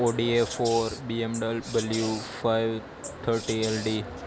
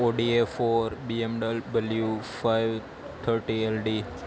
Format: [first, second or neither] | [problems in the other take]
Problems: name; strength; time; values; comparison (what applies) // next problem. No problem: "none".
second | background sound (Wild animals); 13 dB below the speech